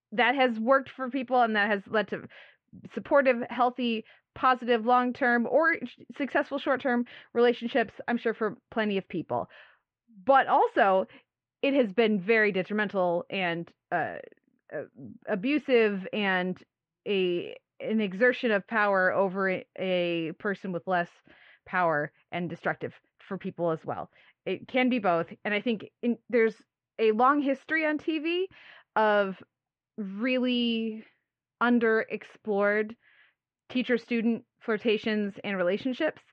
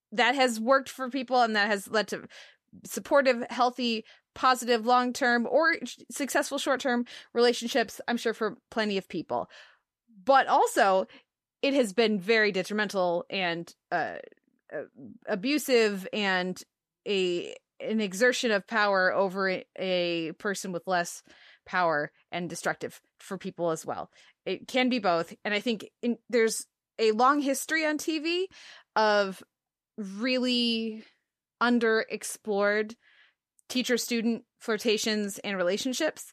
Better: second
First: muffled; very; fading above 2.5 kHz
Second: none

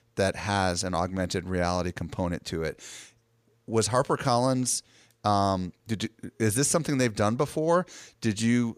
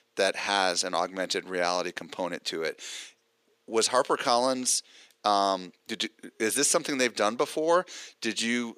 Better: first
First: none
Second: thin; somewhat; fading below 300 Hz

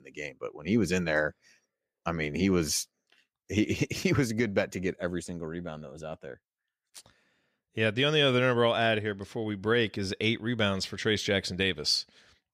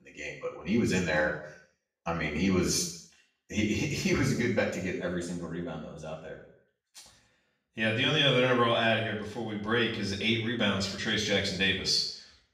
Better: first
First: none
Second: room echo; noticeable; dies away in 0.6 s // off-mic speech; far

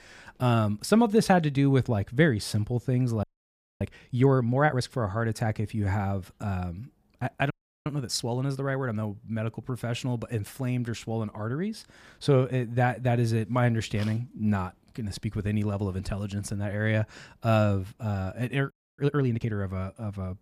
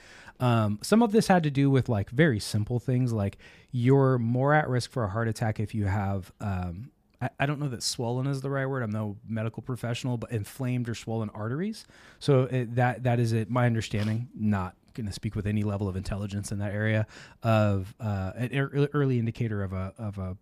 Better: second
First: audio freezing; at 3 s for 0.5 s, at 7.5 s and at 19 s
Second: none

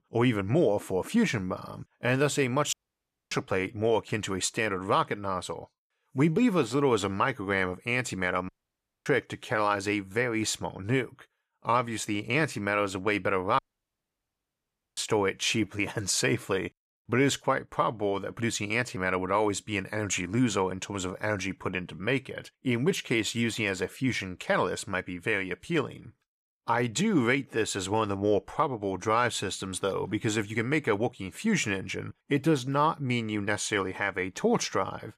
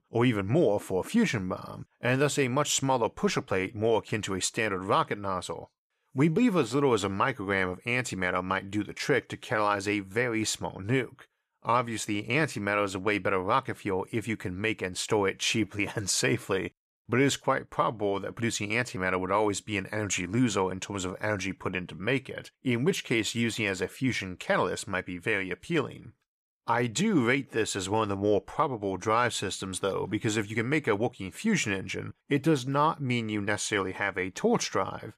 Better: second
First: audio cutting out; at 2.5 s for 0.5 s, at 8.5 s for 0.5 s and at 14 s for 1.5 s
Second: none

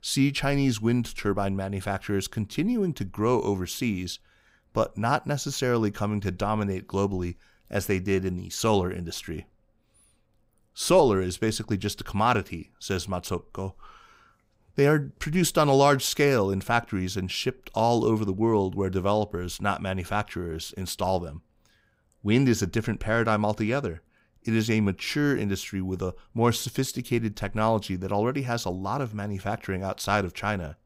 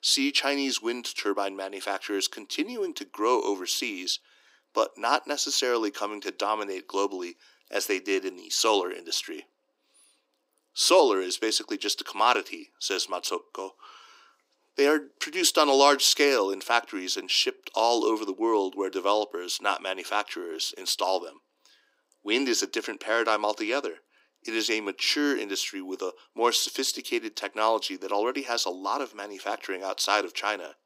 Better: first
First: none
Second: thin; somewhat; fading below 300 Hz

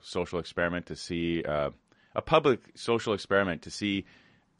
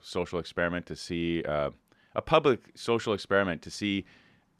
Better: second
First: garbled, watery; slightly; nothing above 10 kHz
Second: none

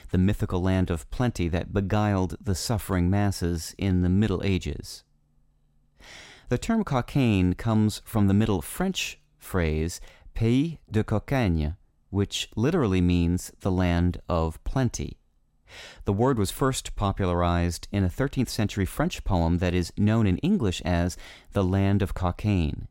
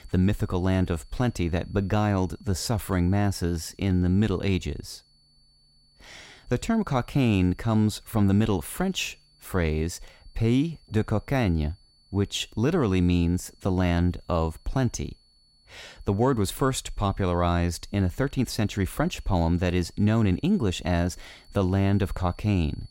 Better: first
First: none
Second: high-pitched whine; faint; throughout; 4.5 kHz, 35 dB below the speech

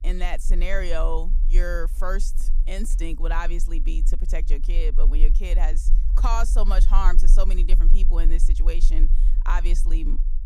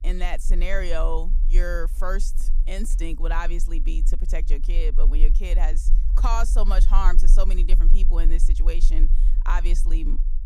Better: neither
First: low rumble; noticeable; throughout; 20 dB below the speech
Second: low rumble; noticeable; throughout; 20 dB below the speech

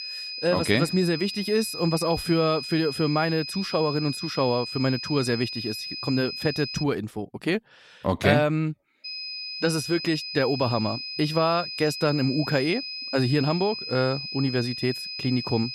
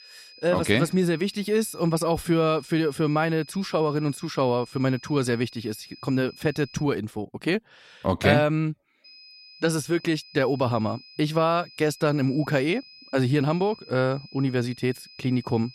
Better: second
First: high-pitched whine; loud; until 7 s and from 9 s on; 5 kHz, 6 dB below the speech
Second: high-pitched whine; faint; until 7 s and from 9 s on; 5 kHz, 20 dB below the speech

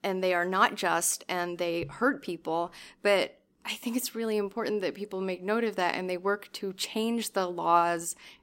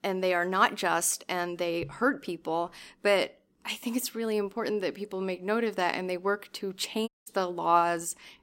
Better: first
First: none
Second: audio cutting out; at 7 s

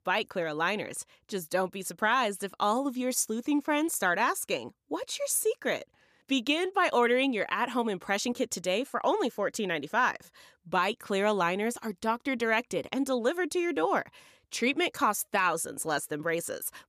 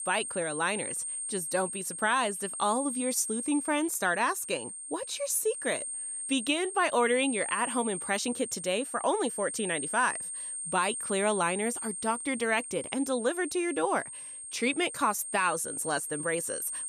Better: first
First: none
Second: high-pitched whine; loud; throughout; 8.5 kHz, 5 dB below the speech

